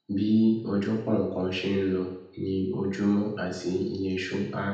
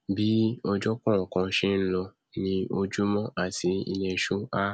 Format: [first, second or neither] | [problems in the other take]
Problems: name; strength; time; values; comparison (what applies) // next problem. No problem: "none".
second | room echo; dies away in 0.8 s